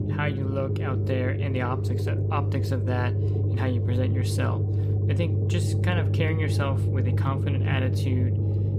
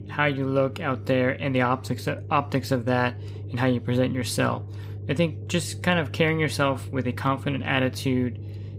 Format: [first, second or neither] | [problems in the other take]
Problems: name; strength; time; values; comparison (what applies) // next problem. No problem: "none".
second | low rumble; loud; throughout; 4 dB below the speech; faint in the second